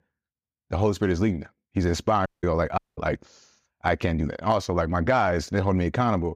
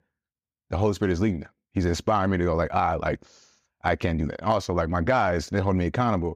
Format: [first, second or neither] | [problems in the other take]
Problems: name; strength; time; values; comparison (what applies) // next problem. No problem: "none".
second | audio cutting out; at 2.5 s and at 3 s